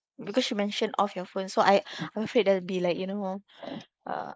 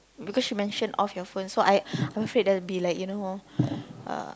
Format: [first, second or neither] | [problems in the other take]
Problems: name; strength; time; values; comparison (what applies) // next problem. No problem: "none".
second | noise reduction (neural mask model Resemble Enhance denoiser)